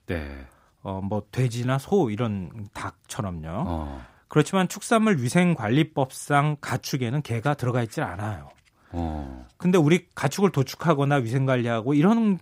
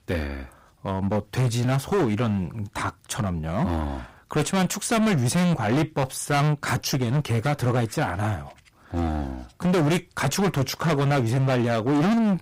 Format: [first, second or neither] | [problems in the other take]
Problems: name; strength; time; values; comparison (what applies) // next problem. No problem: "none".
first | distortion; heavy; 19% of the sound clipped